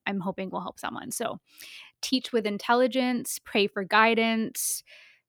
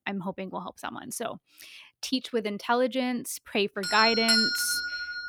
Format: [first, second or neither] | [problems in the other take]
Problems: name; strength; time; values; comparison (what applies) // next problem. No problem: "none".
first | alarms or sirens; very loud; from 4 s on; 4 dB above the speech